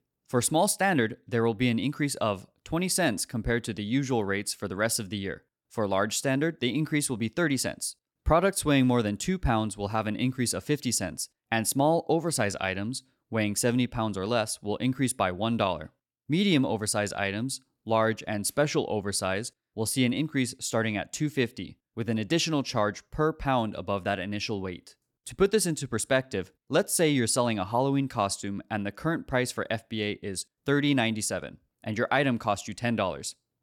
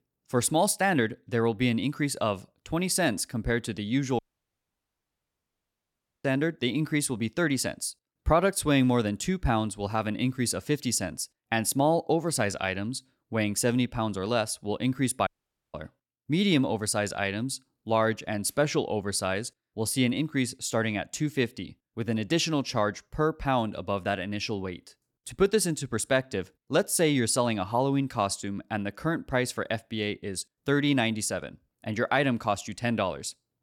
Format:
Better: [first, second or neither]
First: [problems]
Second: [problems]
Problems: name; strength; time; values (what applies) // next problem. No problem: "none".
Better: first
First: none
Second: audio cutting out; at 4 s for 2 s and at 15 s